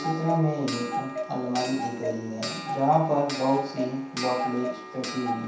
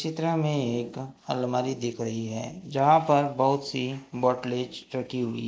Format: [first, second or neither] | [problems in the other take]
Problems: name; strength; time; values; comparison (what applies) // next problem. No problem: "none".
second | background sound (Clock); 6 dB below the speech // room echo; dies away in 0.7 s